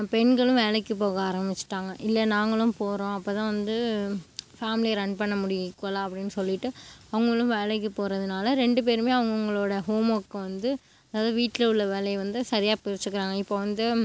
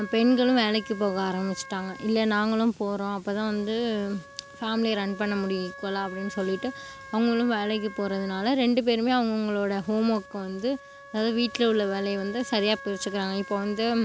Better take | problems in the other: first | background sound (Wind instrument, woodwind instrument); 18 dB below the speech

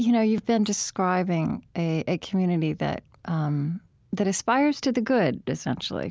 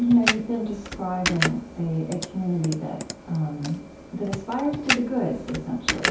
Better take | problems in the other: first | background sound (Computer keyboard); 4 dB below the speech // room echo; dies away in 0.6 s

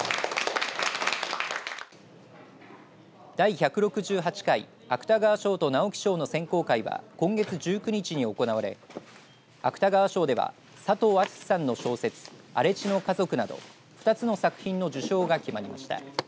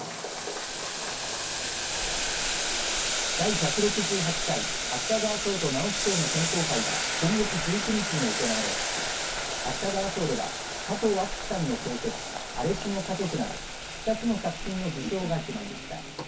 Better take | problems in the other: first | background sound (Boiling); as loud as the speech // room echo; dies away in 0.3 s

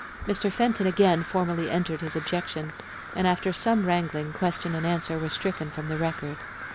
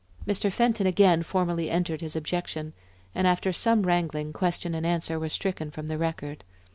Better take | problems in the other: second | background sound (Crow); 12 dB below the speech

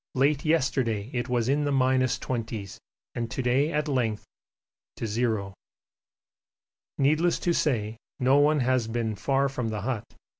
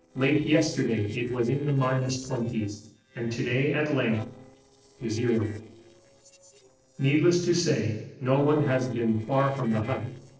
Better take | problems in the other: first | noise reduction (neural separator model SepFormer DNS4)

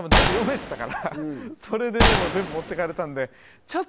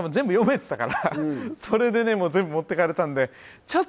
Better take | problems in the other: second | background sound (Gunshot, gunfire); 3 dB above the speech

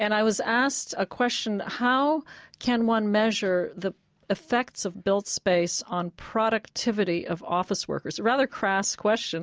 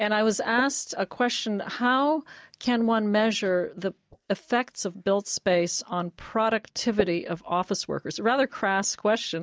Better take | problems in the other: first | noise reduction (neural mask model DeepFilterNet 3)

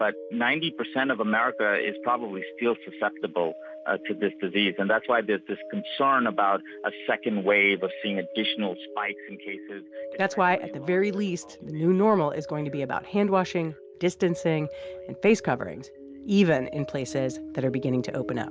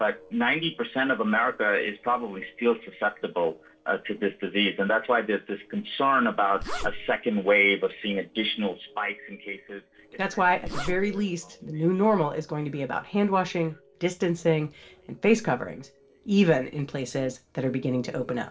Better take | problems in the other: first | noise reduction (neural separator model SepFormer DNS4)

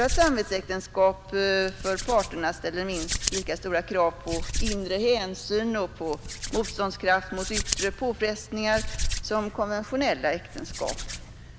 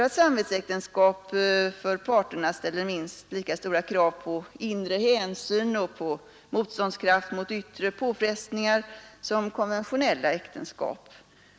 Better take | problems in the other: second | background sound (Hands); 6 dB below the speech

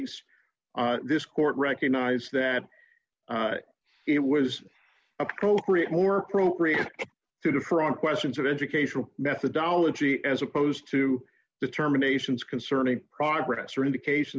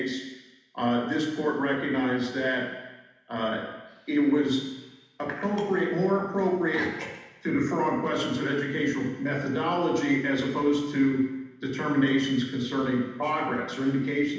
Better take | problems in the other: first | room echo; dies away in 1.1 s

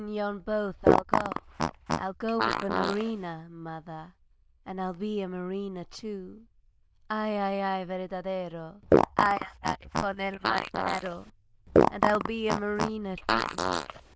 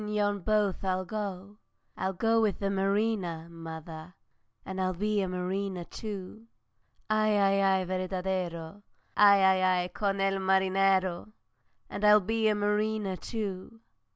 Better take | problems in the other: second | noise reduction (neural diffusion model UNIVERSE++)

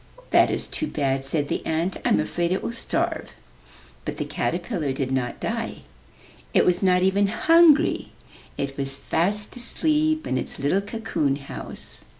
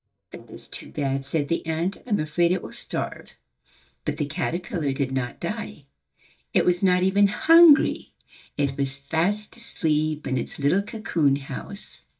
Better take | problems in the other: first | noise reduction (neural mask model DeepFilterNet 3)

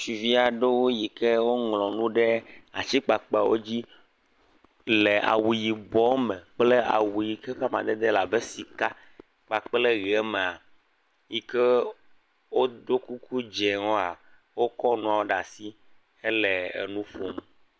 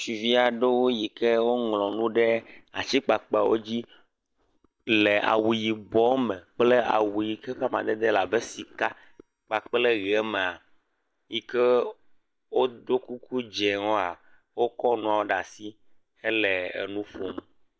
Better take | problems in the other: first | noise reduction (neural mask model DeepFilterNet 3)

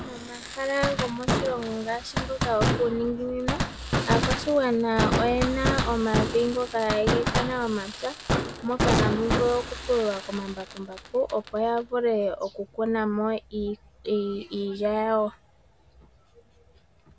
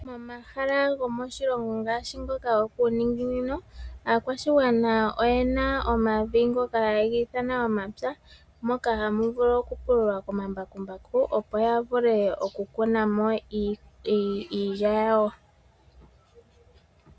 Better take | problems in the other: second | background sound (Fireworks); 3 dB below the speech

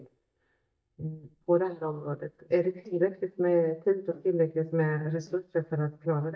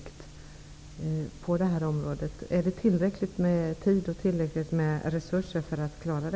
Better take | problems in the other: second | noise reduction (neural mask model DeepFilterNet 3)

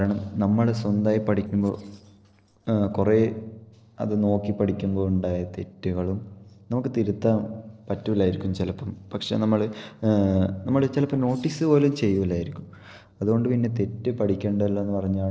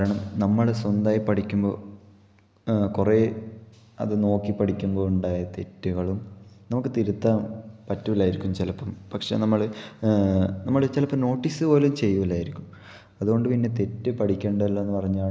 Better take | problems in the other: second | noise reduction (neural separator model SepFormer DNS4)

